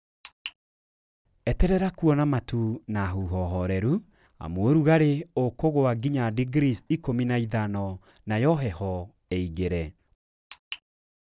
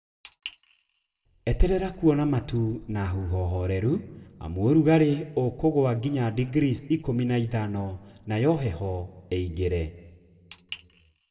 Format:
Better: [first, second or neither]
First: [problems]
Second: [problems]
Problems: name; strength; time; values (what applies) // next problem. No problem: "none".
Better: first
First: none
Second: room echo; dies away in 1.1 s